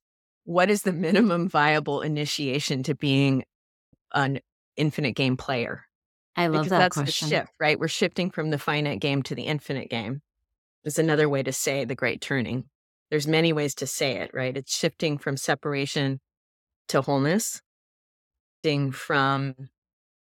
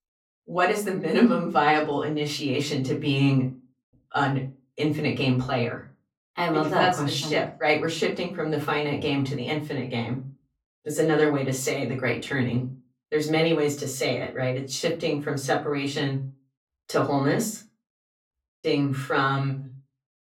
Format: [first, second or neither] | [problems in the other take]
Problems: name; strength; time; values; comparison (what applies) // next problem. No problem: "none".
first | off-mic speech; far // room echo; very slight; dies away in 0.3 s